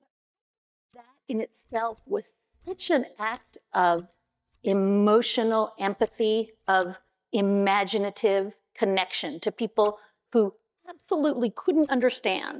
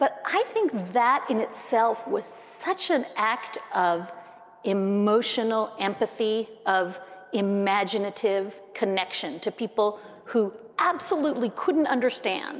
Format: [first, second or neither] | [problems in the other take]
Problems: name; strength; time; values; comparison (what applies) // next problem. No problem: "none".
second | noise reduction (neural mask model DeepFilterNet 3)